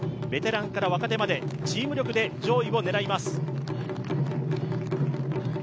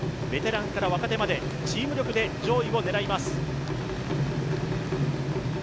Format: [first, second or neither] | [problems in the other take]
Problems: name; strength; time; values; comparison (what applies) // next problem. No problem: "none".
first | background sound (Train); 8 dB below the speech